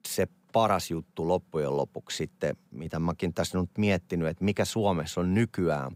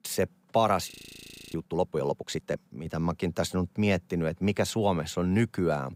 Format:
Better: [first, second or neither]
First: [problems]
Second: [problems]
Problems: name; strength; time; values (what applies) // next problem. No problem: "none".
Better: first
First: none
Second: audio freezing; at 1 s for 0.5 s